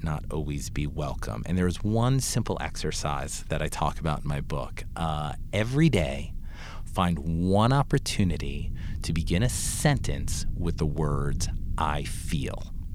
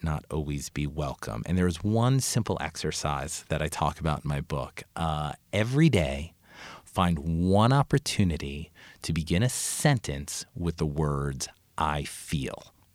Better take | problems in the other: second | low rumble; faint; throughout; 20 dB below the speech

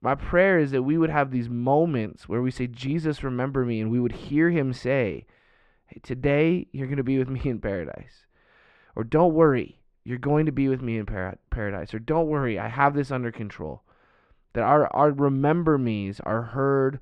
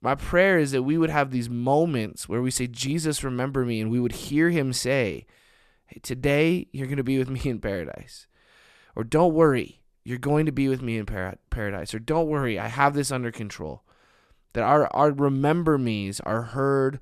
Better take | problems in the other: second | muffled; very; fading above 2 kHz

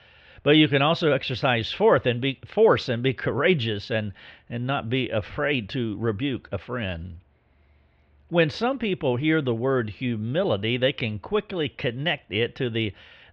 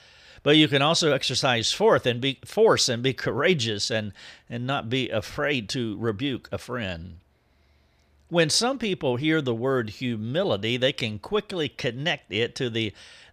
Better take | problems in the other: second | muffled; very; fading above 3 kHz

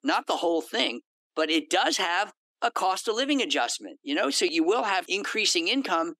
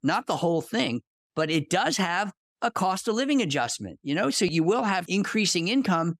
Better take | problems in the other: second | thin; very slightly; fading below 300 Hz

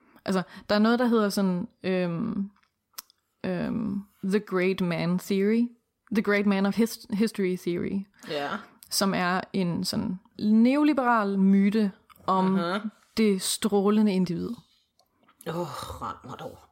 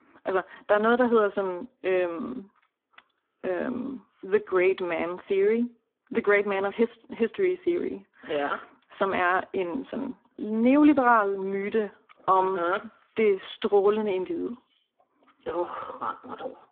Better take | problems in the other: first | phone-call audio; poor line

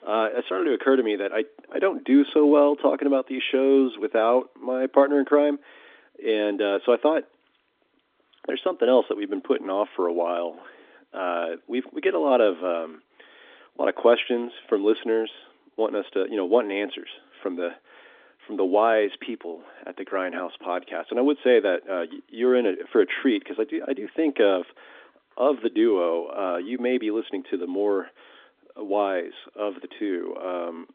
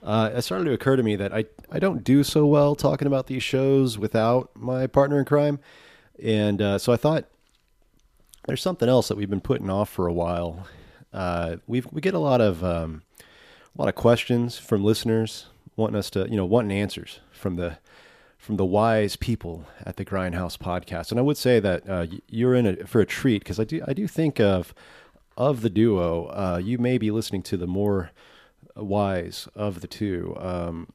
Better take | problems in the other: second | phone-call audio; nothing above 3.5 kHz

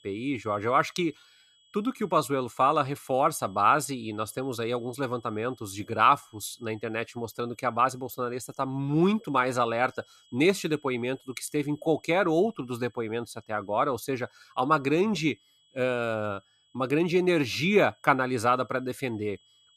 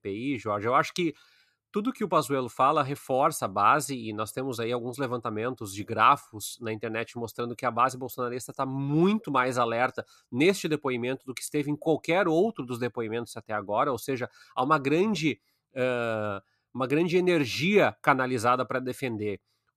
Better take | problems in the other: second | high-pitched whine; faint; throughout; 3.5 kHz, 35 dB below the speech

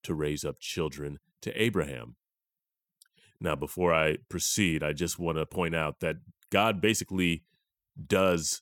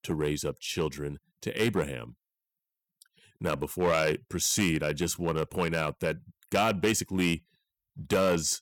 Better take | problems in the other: first | distortion; slight; 3% of the sound clipped

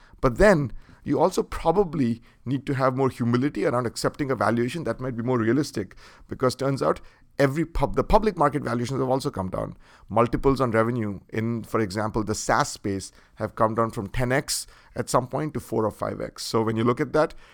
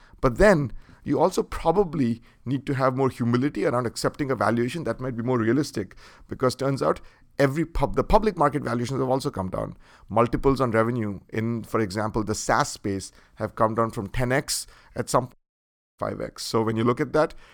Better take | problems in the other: first | audio cutting out; at 15 s for 0.5 s

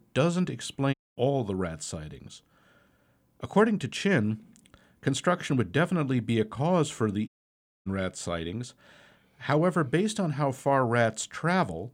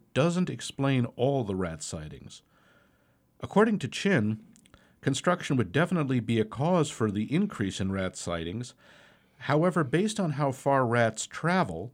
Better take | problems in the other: second | audio cutting out; at 1 s and at 7.5 s for 0.5 s

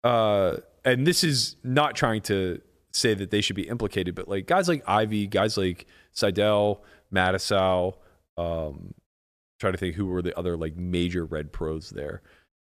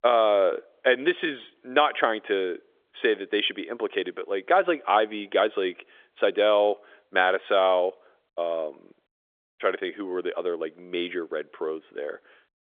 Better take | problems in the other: first | phone-call audio; nothing above 3.5 kHz

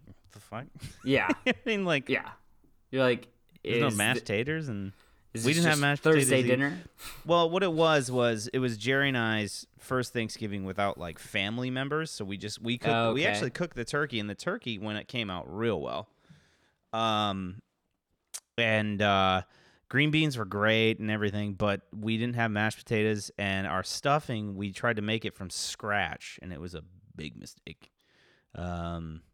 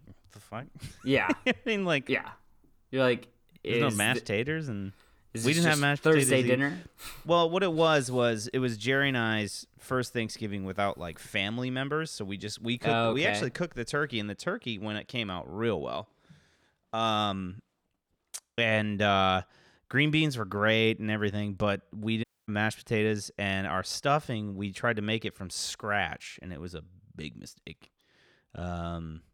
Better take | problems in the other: first | audio cutting out; at 22 s

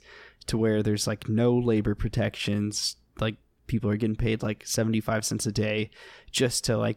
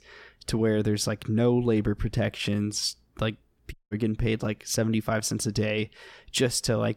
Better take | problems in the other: first | audio cutting out; at 3.5 s

